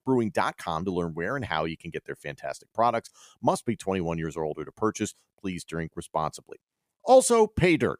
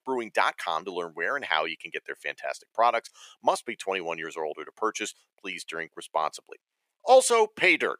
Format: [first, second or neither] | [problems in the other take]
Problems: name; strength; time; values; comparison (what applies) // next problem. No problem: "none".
first | thin; somewhat; fading below 500 Hz